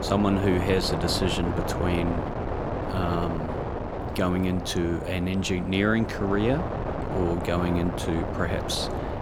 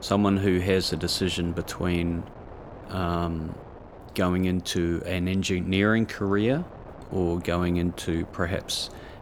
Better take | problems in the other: second | wind noise on the microphone; heavy; 3 dB below the speech; occasional gusts in the second

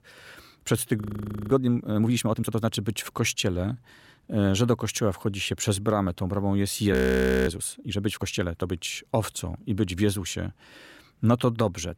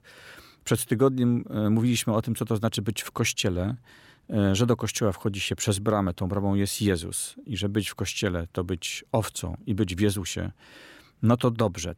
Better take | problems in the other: second | audio freezing; at 1 s for 0.5 s and at 7 s for 0.5 s

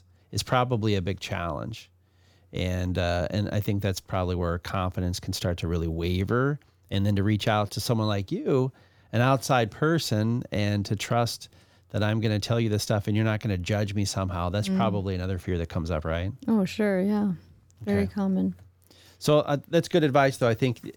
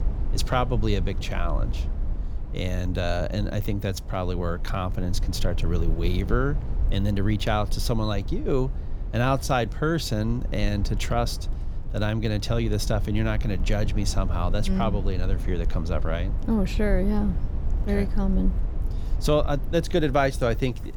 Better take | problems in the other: first | low rumble; noticeable; throughout; 15 dB below the speech

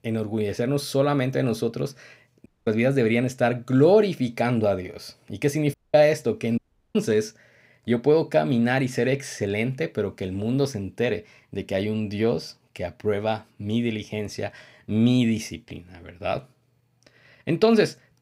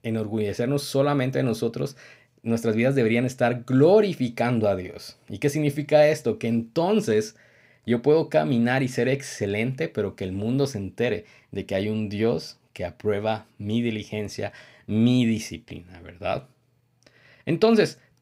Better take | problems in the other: second | audio cutting out; at 2.5 s, at 5.5 s and at 6.5 s

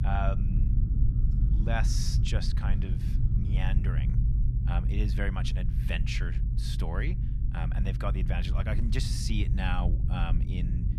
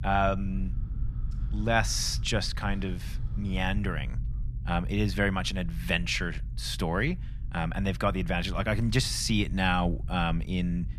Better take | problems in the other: second | low rumble; loud; throughout; 7 dB below the speech; faint in the second

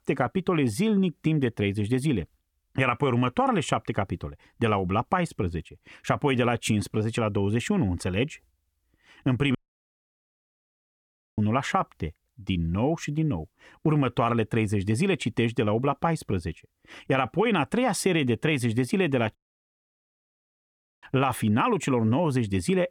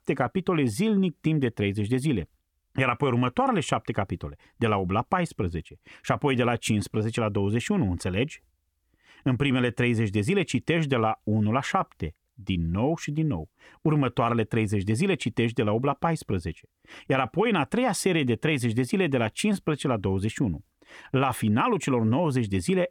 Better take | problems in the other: second | audio cutting out; at 9.5 s for 2 s and at 19 s for 1.5 s

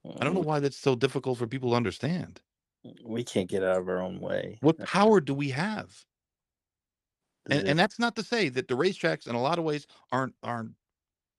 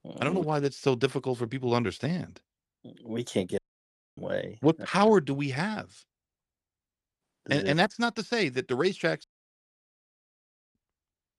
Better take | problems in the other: first | audio cutting out; at 3.5 s for 0.5 s and at 9 s for 1.5 s

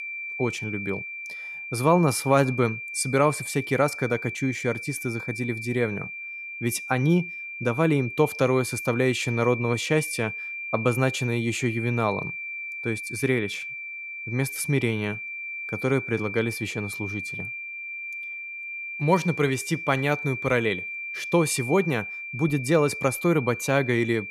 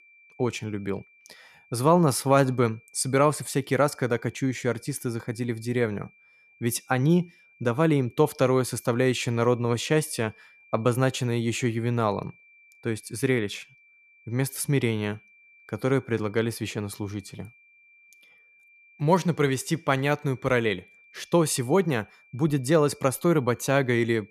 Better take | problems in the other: second | high-pitched whine; loud; throughout; 2.5 kHz, 7 dB below the speech; faint in the second

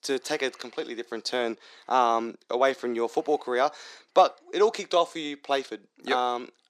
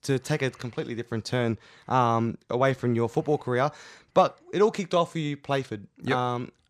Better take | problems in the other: second | thin; somewhat; fading below 300 Hz

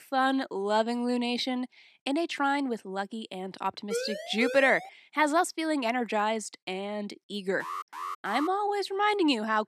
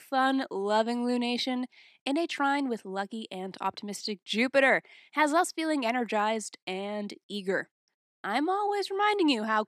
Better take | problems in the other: second | siren; noticeable; at 4 s; peak 5 dB below the speech // alarm; noticeable; at 7.5 s; peak 8 dB below the speech

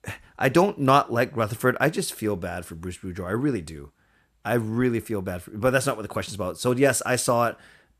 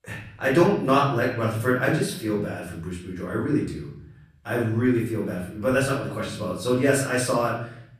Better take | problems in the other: first | off-mic speech; far // room echo; noticeable; dies away in 0.7 s

